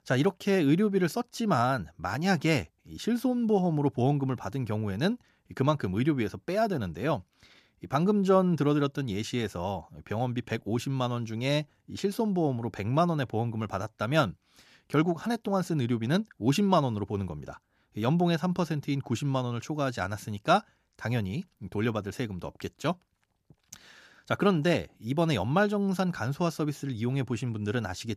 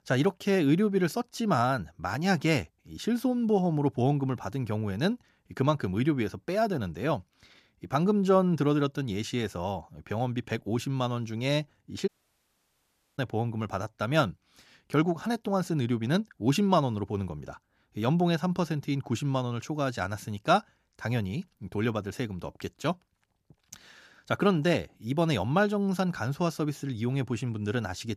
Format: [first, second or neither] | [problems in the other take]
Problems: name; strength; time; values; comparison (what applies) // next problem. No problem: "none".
first | audio cutting out; at 12 s for 1 s